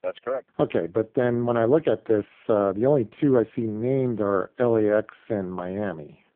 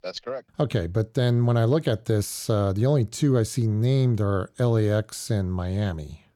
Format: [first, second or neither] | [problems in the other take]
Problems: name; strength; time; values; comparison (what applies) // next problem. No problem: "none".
second | phone-call audio; poor line